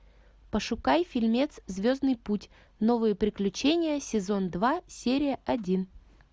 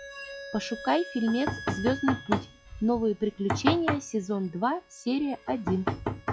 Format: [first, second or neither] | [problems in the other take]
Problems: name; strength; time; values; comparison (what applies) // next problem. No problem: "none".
first | noise reduction (classical method log-MMSE)